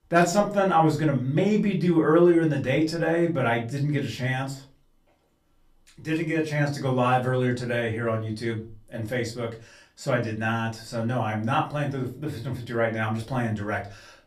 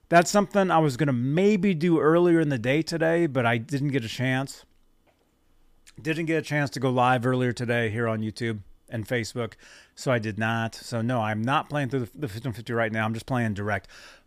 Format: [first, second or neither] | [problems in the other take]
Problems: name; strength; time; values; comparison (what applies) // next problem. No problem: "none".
second | off-mic speech; far // room echo; very slight; dies away in 0.3 s